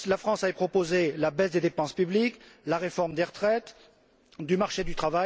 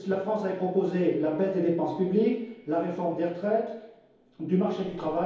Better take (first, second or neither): first